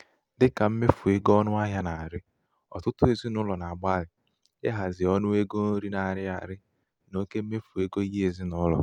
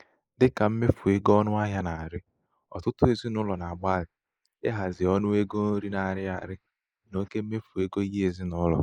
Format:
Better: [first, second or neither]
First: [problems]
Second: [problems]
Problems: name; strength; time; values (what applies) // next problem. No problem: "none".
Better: first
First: none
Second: noise reduction (neural mask model Resemble Enhance denoiser)